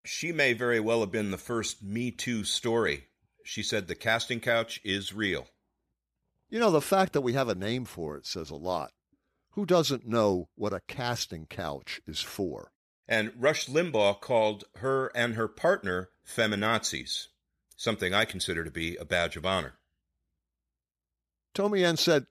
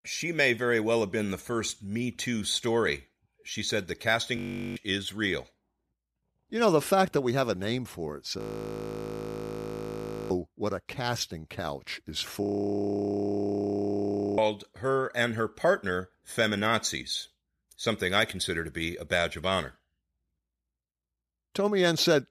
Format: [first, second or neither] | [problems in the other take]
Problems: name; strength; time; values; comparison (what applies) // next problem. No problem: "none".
first | audio freezing; at 4.5 s, at 8.5 s for 2 s and at 12 s for 2 s